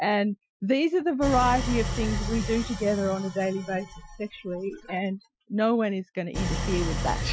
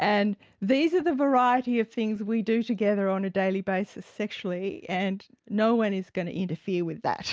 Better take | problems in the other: second | noise reduction (classical method Wiener filter)

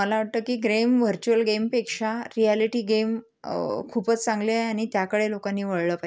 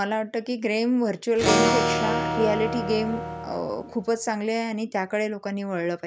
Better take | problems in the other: first | background sound (Acoustic guitar / Strum); as loud as the speech

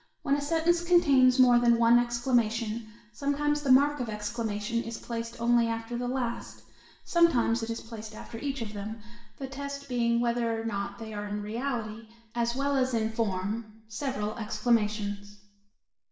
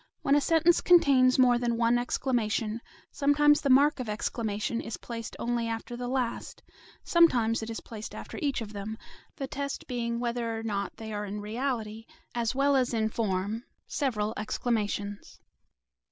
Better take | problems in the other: second | room echo; dies away in 0.7 s

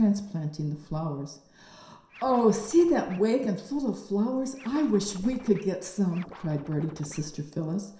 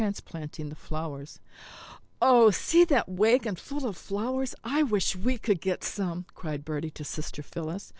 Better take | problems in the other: second | background sound (Scratching (performance technique)); 20 dB below the speech // room echo; dies away in 0.7 s

